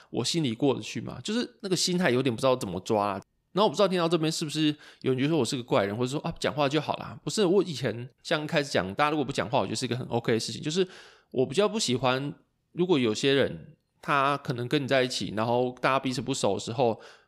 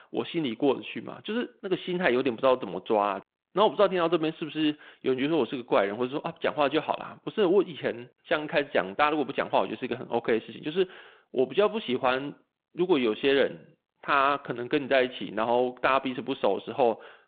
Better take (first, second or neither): first